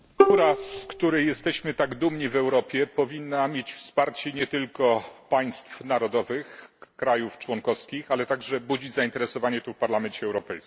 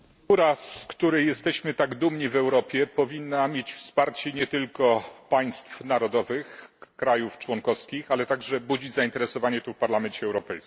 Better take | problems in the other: second | background sound (Bowed string instrument); as loud as the speech

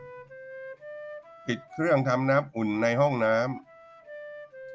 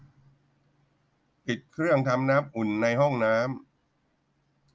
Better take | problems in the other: second | background sound (Wind instrument, woodwind instrument); 16 dB below the speech

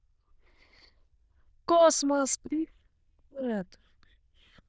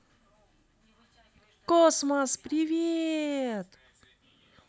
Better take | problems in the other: second | noise reduction (neural diffusion model UNIVERSE++)

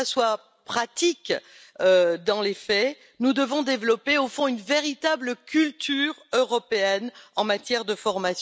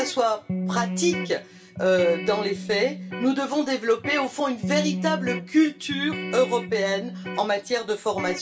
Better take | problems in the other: first | background sound (Electric guitar); 8 dB below the speech // room echo; dies away in 0.2 s

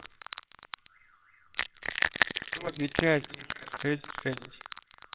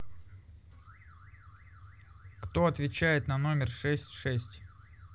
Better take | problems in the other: second | noise reduction (neural separator model SepFormer WHAMR!)

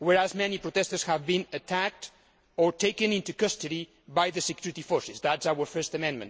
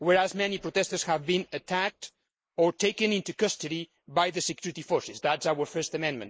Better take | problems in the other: first | noise reduction (neural mask model Resemble Enhance denoiser)

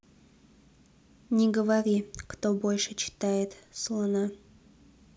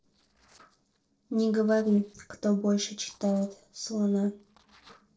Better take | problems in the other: first | noise reduction (neural separator model SepFormer DNS4)

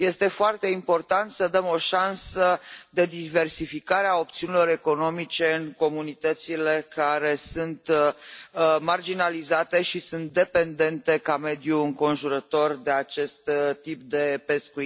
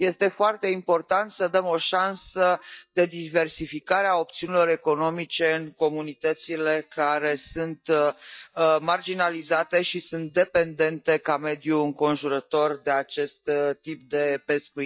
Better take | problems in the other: first | noise reduction (neural mask model DeepFilterNet 3)

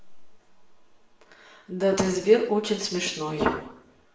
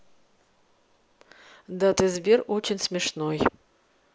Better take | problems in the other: second | room echo; dies away in 0.7 s

